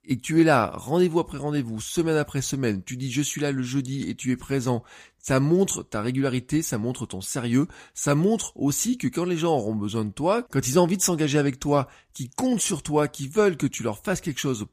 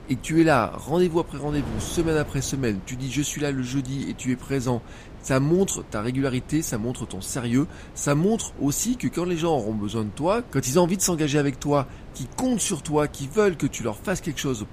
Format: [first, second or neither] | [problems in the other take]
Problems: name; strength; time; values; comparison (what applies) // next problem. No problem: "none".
first | wind noise on the microphone; occasional gusts; 20 dB below the speech